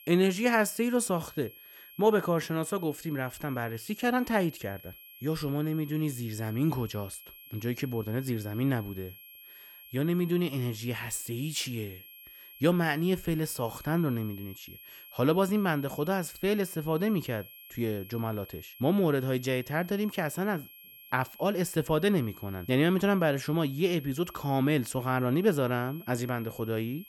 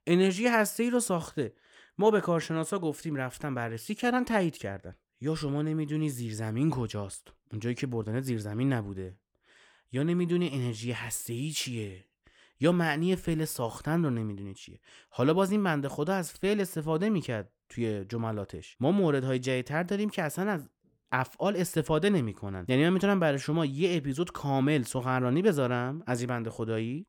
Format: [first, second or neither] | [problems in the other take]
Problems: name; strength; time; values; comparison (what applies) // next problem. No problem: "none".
second | high-pitched whine; noticeable; throughout; 11.5 kHz, 20 dB below the speech